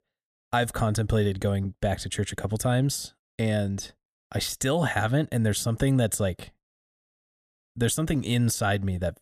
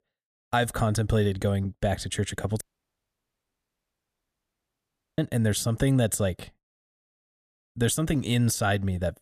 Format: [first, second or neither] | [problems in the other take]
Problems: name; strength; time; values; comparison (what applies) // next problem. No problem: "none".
first | audio cutting out; at 2.5 s for 2.5 s